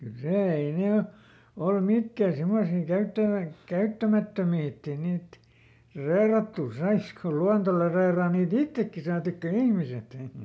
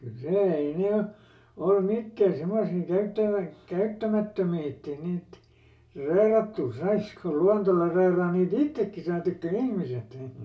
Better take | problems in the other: first | room echo; dies away in 0.2 s

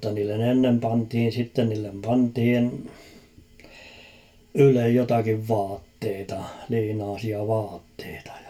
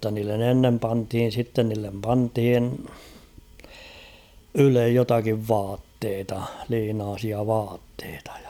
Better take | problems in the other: second | room echo; dies away in 0.2 s

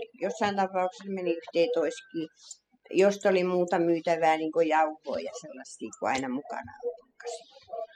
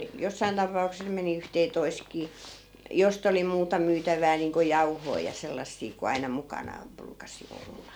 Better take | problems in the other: second | noise reduction (classical method spectral subtraction)

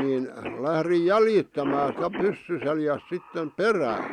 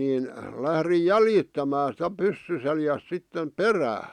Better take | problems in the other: second | background sound (Cough); 12 dB below the speech

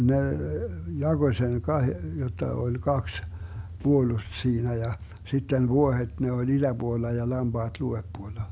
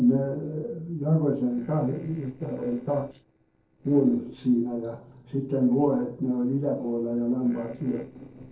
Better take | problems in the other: first | noise reduction (neural separator model SepFormer DNS4)

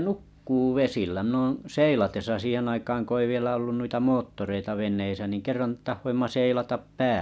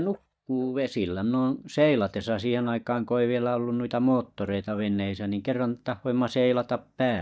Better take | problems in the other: first | noise reduction (neural mask model DeepFilterNet 3)

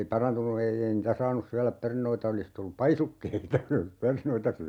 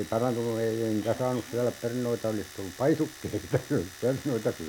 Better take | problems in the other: first | background sound (Cough + Domestic sounds, home sounds); 16 dB below the speech

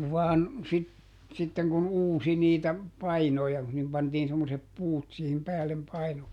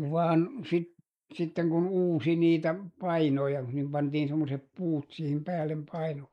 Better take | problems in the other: first | noise reduction (neural mask model Resemble Enhance denoiser)

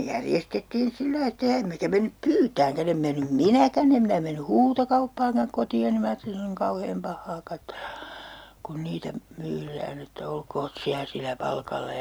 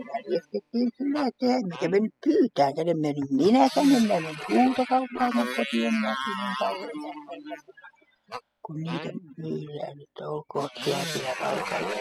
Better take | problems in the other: first | noise reduction (classical method spectral subtraction)

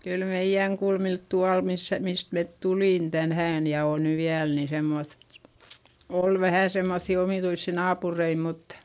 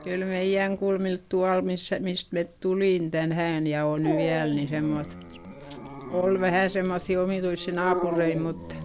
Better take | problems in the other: first | background sound (Dog); 10 dB below the speech

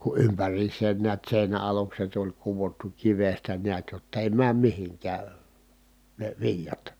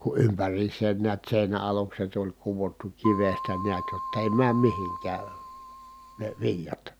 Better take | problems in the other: first | background sound (Keyboard (musical)); 8 dB below the speech

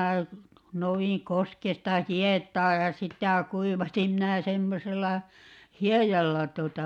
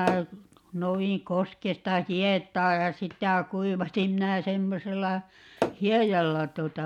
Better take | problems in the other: first | background sound (Tap / Hammer); 7 dB below the speech

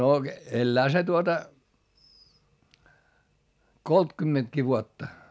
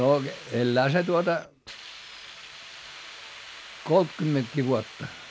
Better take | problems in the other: first | background sound (Hiss); 17 dB below the speech

